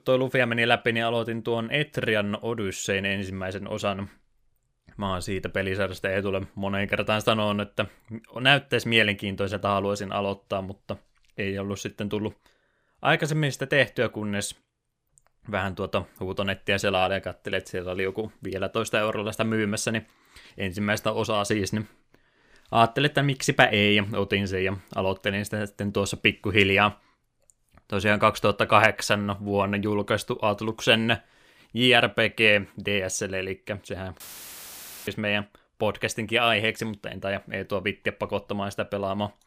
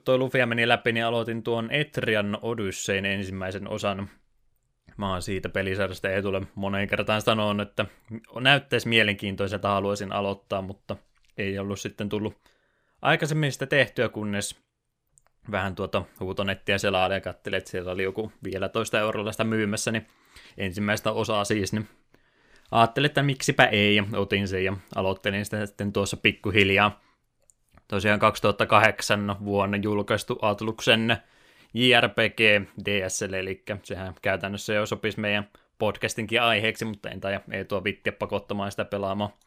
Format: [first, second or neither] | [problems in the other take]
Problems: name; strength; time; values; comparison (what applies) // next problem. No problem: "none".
second | audio cutting out; filled with static; at 34 s for 1 s